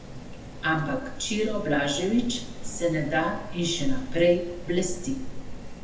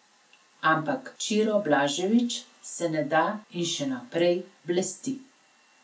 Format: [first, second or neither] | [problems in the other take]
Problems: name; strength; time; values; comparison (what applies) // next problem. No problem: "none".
second | background sound (Rain); 6 dB below the speech // room echo; dies away in 0.8 s